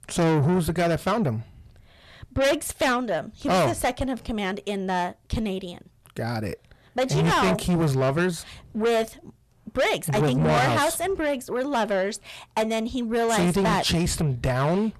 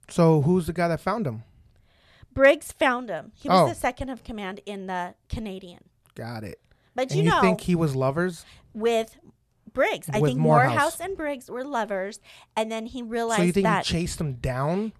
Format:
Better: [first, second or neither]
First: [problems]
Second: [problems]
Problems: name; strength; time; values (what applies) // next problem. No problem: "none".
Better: second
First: distortion; heavy; 6 dB below the speech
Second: none